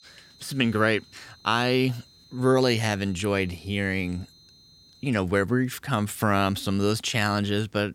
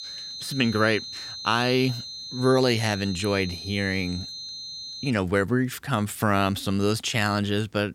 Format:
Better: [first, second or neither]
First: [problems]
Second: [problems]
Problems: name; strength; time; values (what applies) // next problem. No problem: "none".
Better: first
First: high-pitched whine; faint; until 5 s; 4 kHz, 30 dB below the speech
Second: high-pitched whine; loud; until 5 s; 4 kHz, 10 dB below the speech